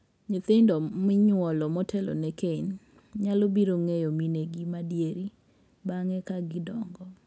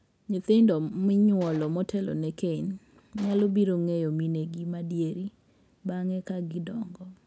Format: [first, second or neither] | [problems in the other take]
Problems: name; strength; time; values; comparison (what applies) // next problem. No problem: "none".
first | background sound (Gunshot, gunfire); 18 dB below the speech